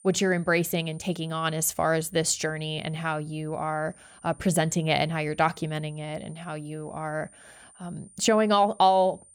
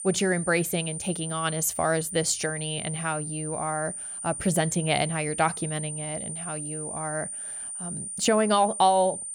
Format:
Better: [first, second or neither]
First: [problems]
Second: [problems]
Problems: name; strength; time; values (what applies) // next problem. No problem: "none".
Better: first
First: high-pitched whine; faint; throughout; 9 kHz, 25 dB below the speech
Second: high-pitched whine; loud; throughout; 9 kHz, 6 dB below the speech